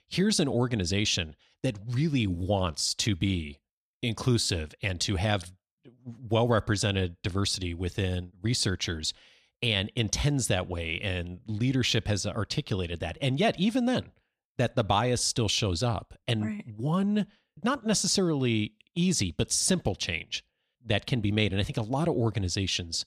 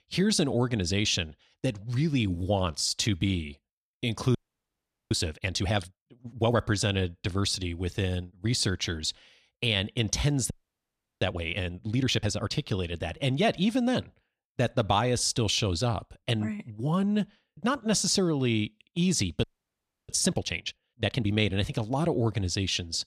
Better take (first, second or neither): first